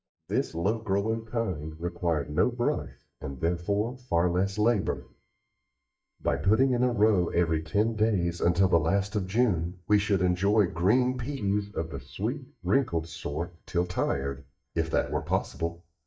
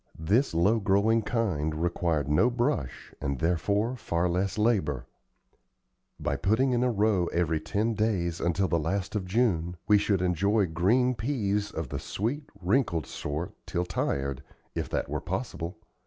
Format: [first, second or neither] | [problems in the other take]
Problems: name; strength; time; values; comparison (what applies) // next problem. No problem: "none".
second | noise reduction (neural mask model DeepFilterNet 3)